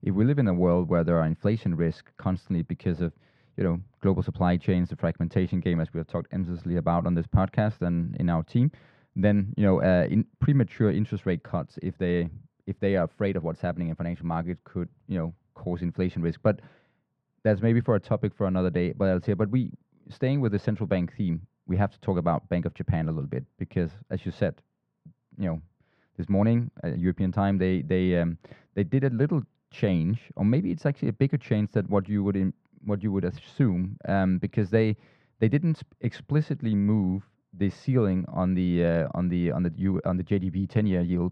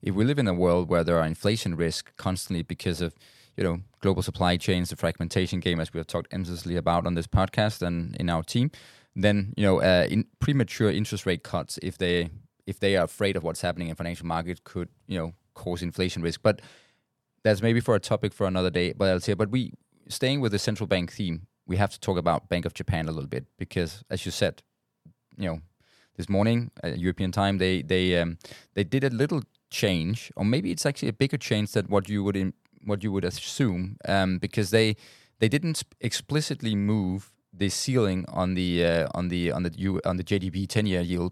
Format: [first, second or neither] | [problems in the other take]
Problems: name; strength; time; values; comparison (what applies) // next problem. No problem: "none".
second | muffled; very; fading above 2 kHz